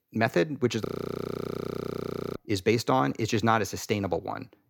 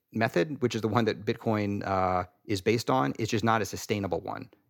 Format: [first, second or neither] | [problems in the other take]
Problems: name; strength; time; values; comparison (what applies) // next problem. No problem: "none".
second | audio freezing; at 1 s for 1.5 s